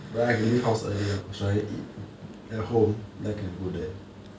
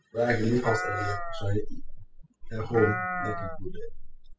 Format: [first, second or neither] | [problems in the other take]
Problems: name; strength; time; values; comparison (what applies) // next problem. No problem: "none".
first | noise reduction (classical method spectral subtraction)